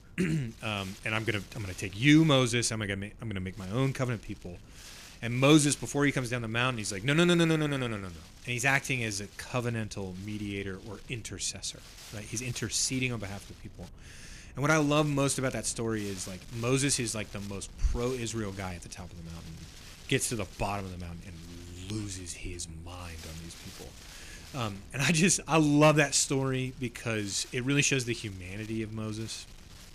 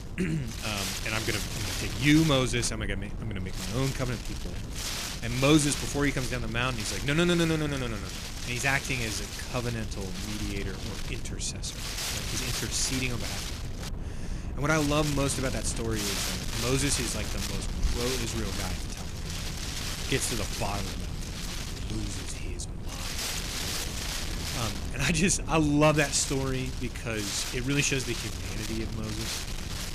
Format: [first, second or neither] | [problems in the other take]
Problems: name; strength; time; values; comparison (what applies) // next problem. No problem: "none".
first | wind noise on the microphone; heavy; 5 dB below the speech; occasional gusts in the first